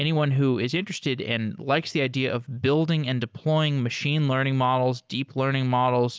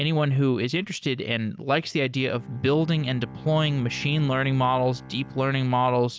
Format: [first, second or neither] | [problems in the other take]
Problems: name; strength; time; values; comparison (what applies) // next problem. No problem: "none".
first | background sound (Bowed string instrument); 19 dB below the speech